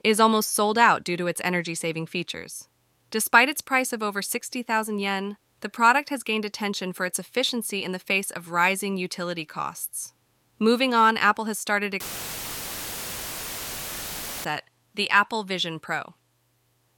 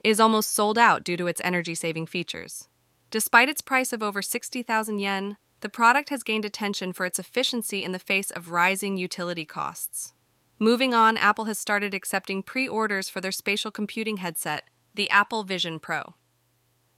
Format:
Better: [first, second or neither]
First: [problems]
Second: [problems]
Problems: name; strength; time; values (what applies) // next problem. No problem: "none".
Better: second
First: audio cutting out; filled with static; at 12 s for 2.5 s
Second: none